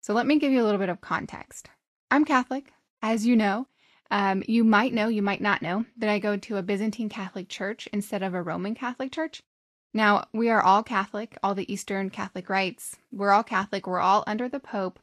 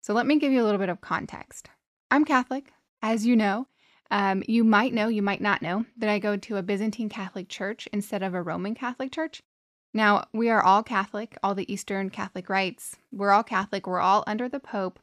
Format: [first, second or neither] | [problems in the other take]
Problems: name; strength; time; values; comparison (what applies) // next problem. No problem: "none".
second | garbled, watery; slightly; nothing above 12 kHz